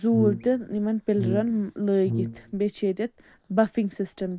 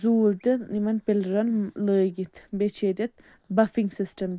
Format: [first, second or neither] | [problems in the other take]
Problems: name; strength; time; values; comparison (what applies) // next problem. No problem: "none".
second | background sound (Brass instrument); 6 dB below the speech